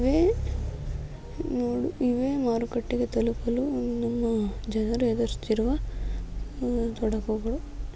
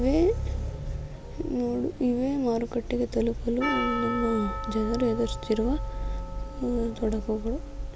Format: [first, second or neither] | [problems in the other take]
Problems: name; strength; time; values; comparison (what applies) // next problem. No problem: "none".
first | background sound (Percussion); 11 dB below the speech